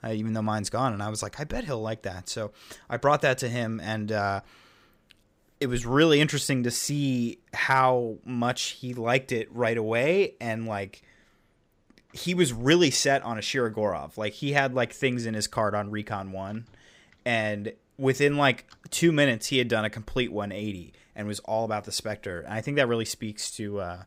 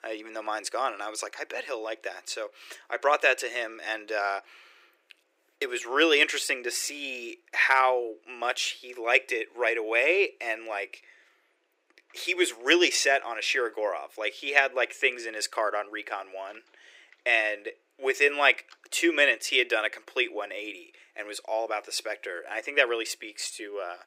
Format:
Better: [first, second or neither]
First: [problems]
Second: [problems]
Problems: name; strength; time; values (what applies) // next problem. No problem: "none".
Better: first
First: none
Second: thin; very; fading below 350 Hz